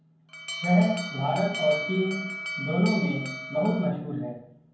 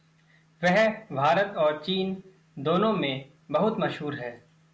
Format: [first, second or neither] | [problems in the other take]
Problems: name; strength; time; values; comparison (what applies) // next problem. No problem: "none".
second | background sound (Alarm); 9 dB below the speech // room echo; dies away in 0.9 s